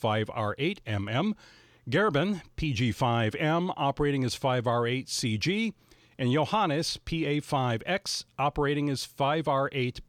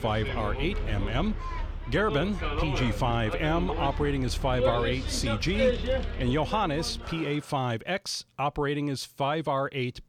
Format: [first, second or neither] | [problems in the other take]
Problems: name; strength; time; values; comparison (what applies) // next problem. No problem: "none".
first | traffic noise; loud; until 7 s; 3 dB below the speech